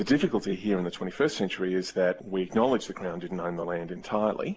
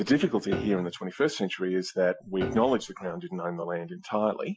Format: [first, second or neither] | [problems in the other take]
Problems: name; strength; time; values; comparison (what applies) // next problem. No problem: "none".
first | noise reduction (classical method Wiener filter)